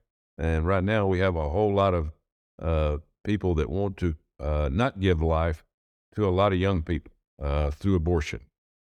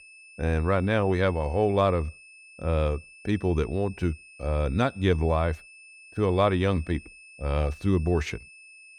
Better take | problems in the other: first | high-pitched whine; faint; throughout; 2.5 kHz, 20 dB below the speech

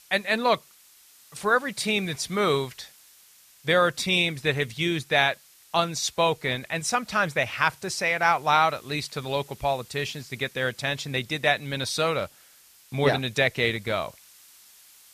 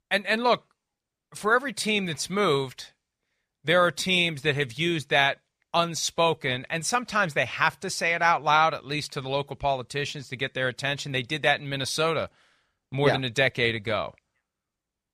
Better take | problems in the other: second | hiss; faint; throughout; 25 dB below the speech

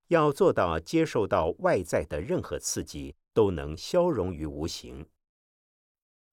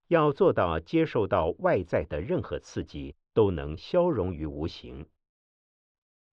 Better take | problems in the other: first | muffled; slightly; fading above 3.5 kHz

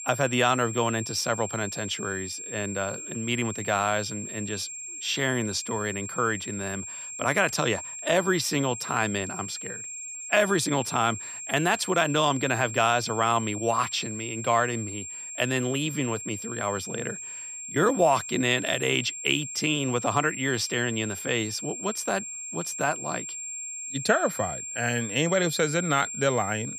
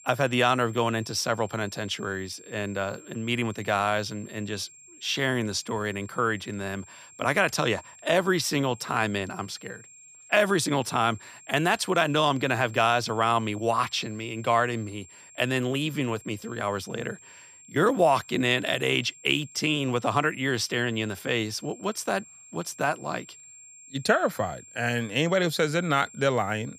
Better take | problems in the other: second | high-pitched whine; loud; throughout; 7.5 kHz, 8 dB below the speech; faint in the second

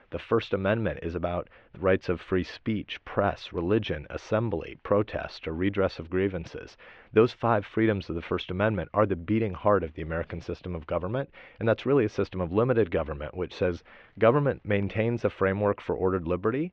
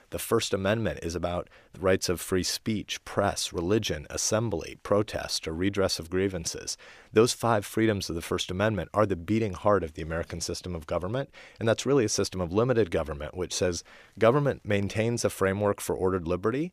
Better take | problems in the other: second | muffled; very; fading above 3 kHz

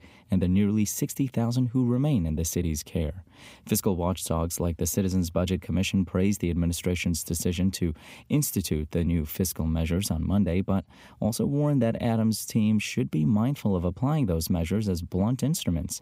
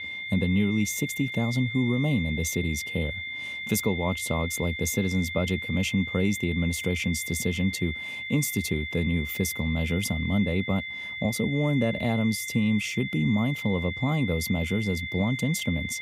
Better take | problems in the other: first | high-pitched whine; loud; throughout; 2 kHz, 5 dB below the speech

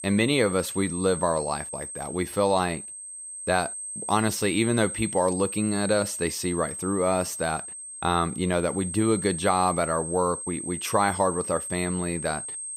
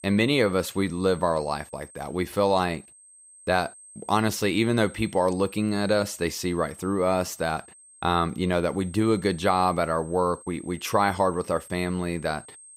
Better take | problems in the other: second | high-pitched whine; loud; throughout; 8.5 kHz, 7 dB below the speech; faint in the second

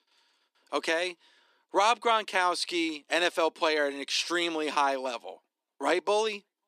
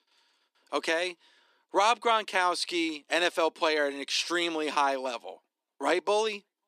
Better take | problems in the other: neither | thin; somewhat; fading below 250 Hz; the same in both

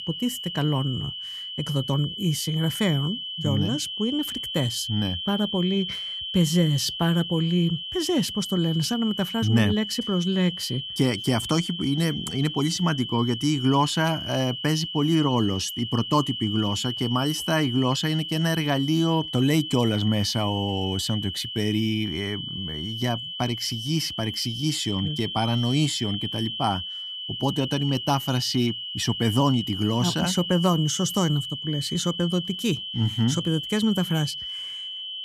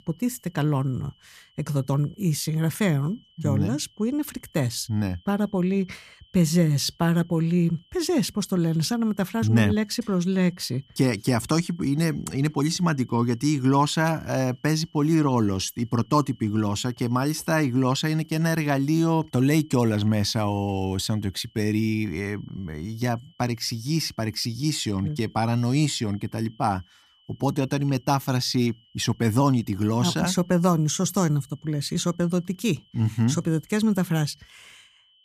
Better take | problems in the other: second | high-pitched whine; loud; throughout; 3 kHz, 6 dB below the speech; faint in the second

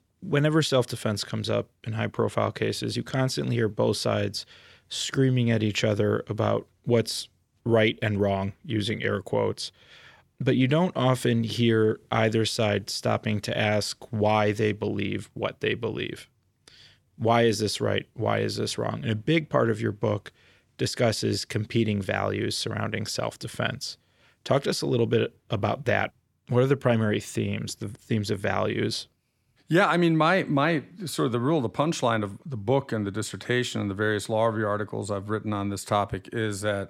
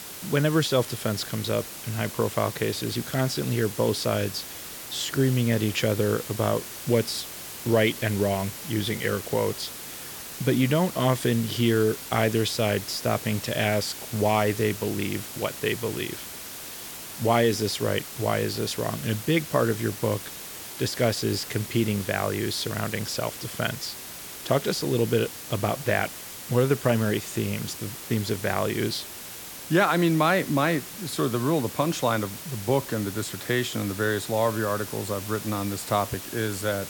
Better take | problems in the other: first | hiss; loud; throughout; 10 dB below the speech

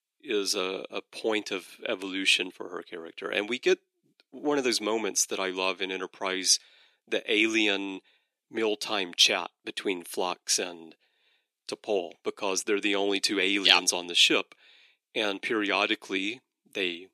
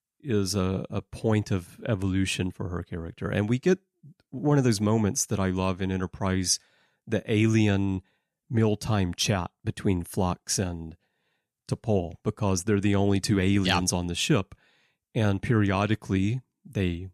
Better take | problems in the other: second | thin; somewhat; fading below 350 Hz

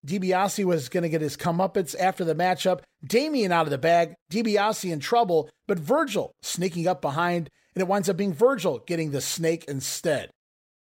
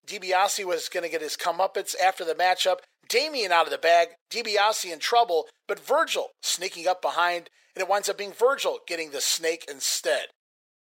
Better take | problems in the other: first | thin; very; fading below 500 Hz

